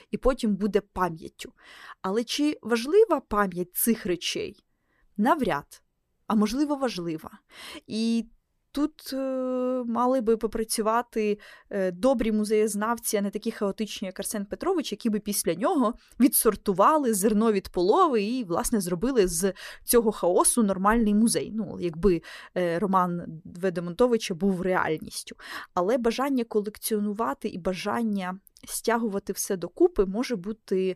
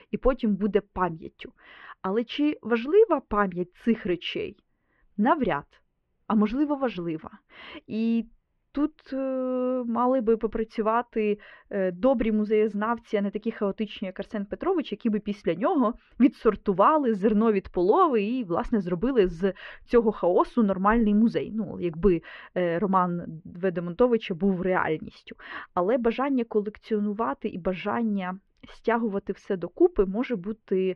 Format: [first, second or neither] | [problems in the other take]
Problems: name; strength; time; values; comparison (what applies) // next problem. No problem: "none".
first | muffled; very; fading above 3 kHz